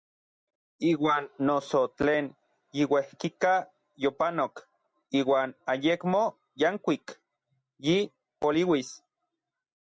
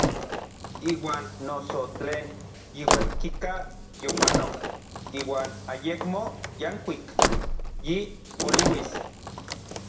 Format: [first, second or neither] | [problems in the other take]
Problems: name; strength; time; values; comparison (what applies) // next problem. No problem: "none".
first | background sound (Slam); 4 dB above the speech // room echo; dies away in 0.6 s